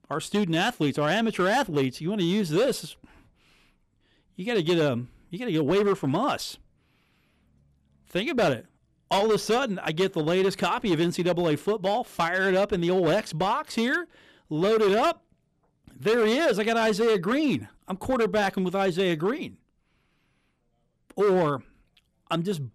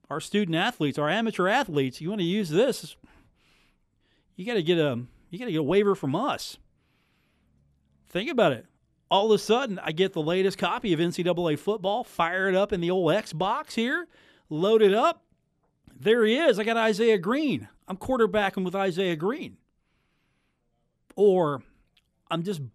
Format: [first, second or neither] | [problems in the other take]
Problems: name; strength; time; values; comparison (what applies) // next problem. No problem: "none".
second | distortion; slight; 8% of the sound clipped